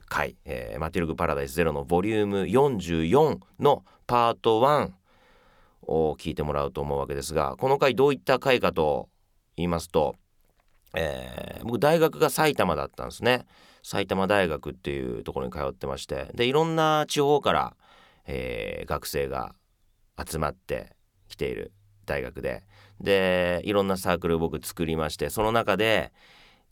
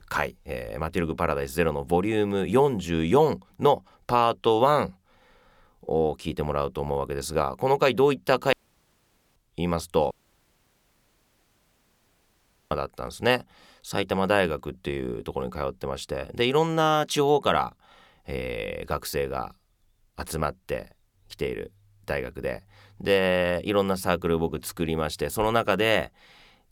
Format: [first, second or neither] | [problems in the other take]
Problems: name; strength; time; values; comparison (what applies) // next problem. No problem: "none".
first | audio cutting out; at 8.5 s for 1 s and at 10 s for 2.5 s